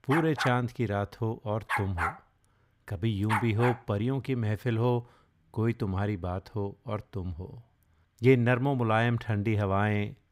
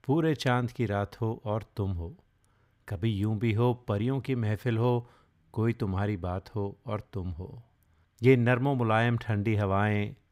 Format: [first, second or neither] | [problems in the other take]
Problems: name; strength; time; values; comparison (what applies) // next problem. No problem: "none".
second | dog barking; noticeable; until 3.5 s; peak 1 dB below the speech